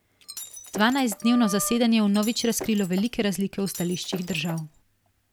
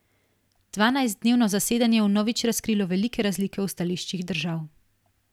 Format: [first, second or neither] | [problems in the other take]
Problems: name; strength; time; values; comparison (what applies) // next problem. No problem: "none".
second | background sound (Wind instrument, woodwind instrument + Shatter); 14 dB below the speech